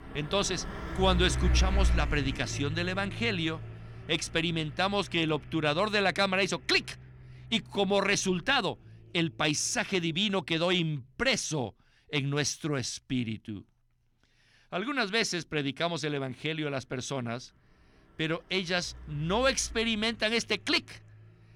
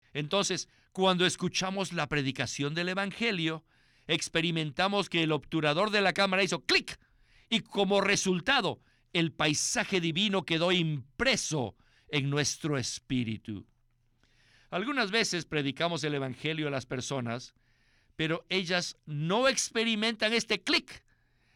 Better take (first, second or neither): second